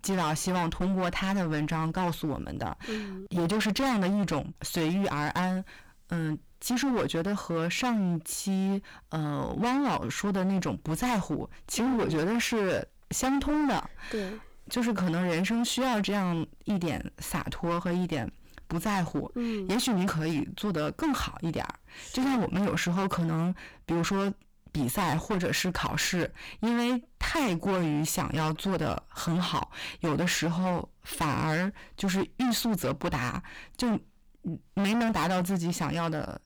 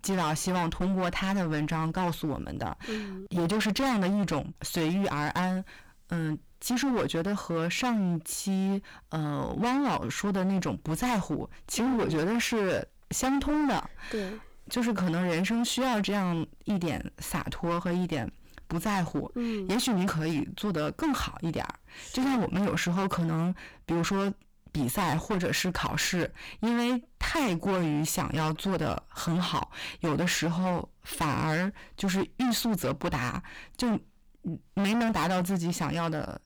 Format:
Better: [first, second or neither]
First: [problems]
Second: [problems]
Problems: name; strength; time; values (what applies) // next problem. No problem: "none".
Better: neither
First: distortion; heavy; 23% of the sound clipped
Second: distortion; heavy; 23% of the sound clipped